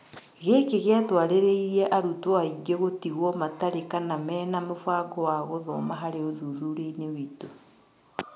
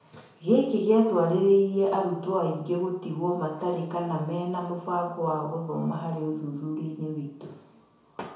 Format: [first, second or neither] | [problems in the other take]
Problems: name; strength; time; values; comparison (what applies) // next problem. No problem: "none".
first | room echo; dies away in 0.6 s